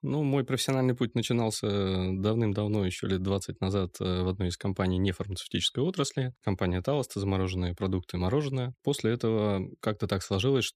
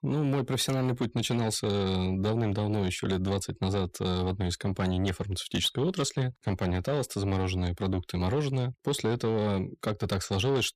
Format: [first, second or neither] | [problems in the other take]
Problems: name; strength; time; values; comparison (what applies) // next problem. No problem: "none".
first | distortion; slight; 10 dB below the speech